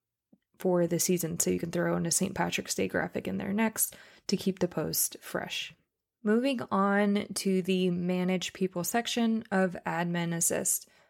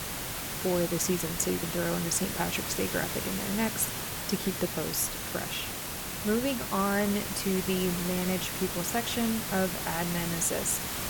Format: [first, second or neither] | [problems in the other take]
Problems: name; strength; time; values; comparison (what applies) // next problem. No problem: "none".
first | hiss; loud; throughout; 2 dB below the speech